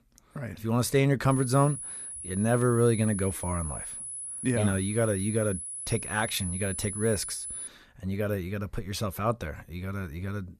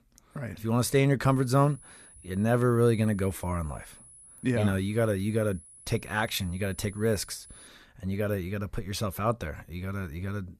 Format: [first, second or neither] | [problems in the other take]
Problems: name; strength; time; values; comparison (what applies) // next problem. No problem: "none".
second | high-pitched whine; loud; from 1.5 to 7.5 s; 10 kHz, 7 dB below the speech; faint in the second